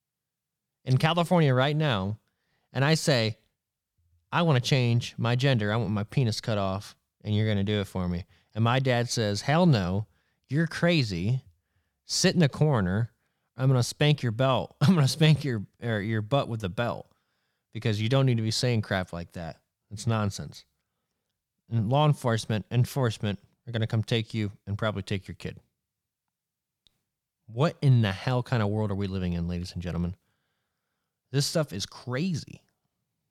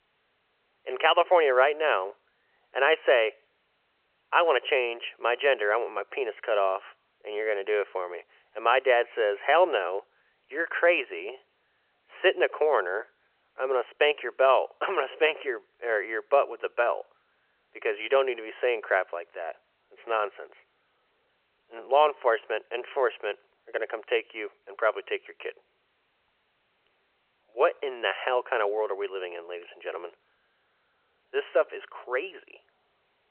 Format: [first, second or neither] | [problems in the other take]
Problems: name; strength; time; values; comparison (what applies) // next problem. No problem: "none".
first | phone-call audio; nothing above 3 kHz